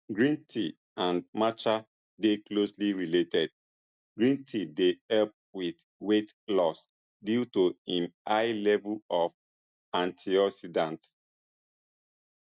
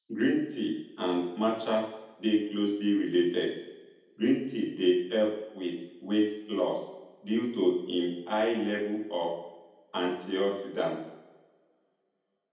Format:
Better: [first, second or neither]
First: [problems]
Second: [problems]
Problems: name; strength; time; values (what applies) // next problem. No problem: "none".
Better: first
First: none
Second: room echo; dies away in 0.9 s